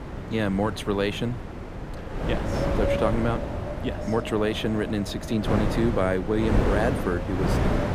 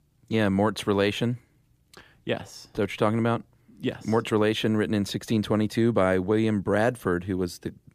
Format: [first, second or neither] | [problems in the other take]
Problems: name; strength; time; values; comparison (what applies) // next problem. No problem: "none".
second | wind noise on the microphone; heavy; 3 dB below the speech